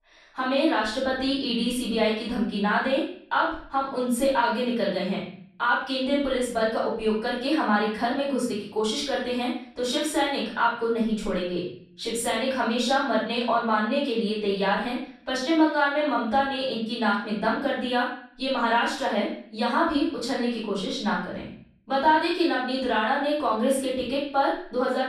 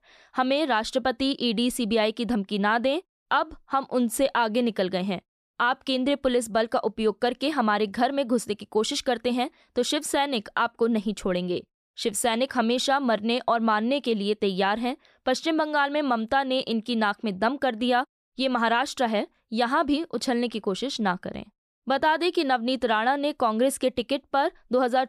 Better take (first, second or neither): second